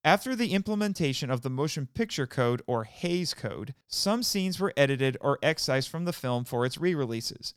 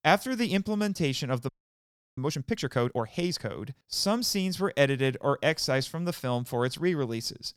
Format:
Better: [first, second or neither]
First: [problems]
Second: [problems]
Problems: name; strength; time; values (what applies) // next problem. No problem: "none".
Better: first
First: none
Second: audio freezing; at 1.5 s for 0.5 s